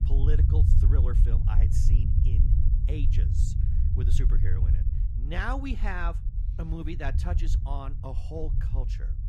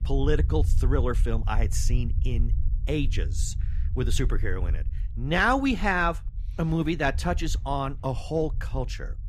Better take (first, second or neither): second